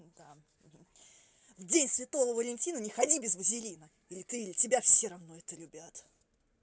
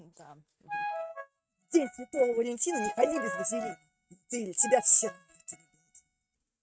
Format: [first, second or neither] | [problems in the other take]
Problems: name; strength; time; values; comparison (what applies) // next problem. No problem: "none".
first | noise reduction (neural mask model RNNoise)